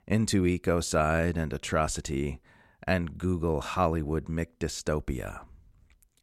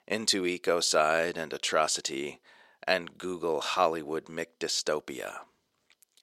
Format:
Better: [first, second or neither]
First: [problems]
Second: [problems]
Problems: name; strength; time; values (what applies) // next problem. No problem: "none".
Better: first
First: none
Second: thin; somewhat; fading below 450 Hz